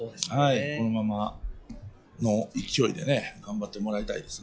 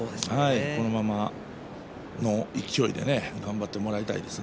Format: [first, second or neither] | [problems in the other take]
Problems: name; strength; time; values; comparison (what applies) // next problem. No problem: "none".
second | noise reduction (classical method log-MMSE)